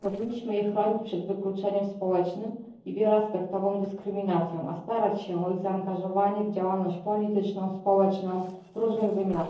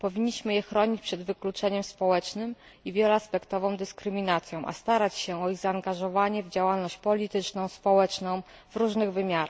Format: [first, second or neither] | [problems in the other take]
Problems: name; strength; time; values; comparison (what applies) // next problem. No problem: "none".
second | noise reduction (neural separator model SepFormer DNS4)